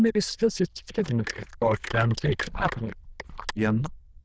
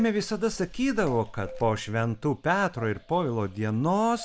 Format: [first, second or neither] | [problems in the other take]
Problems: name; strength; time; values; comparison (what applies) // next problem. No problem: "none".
second | noise reduction (neural diffusion model UNIVERSE++)